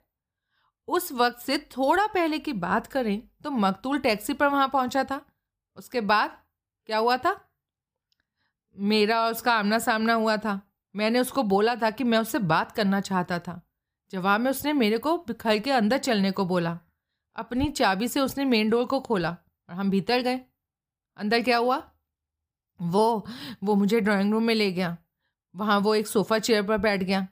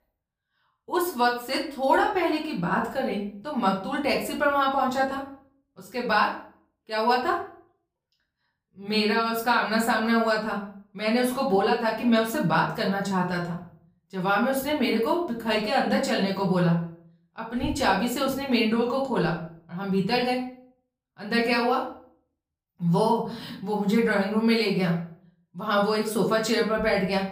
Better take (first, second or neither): first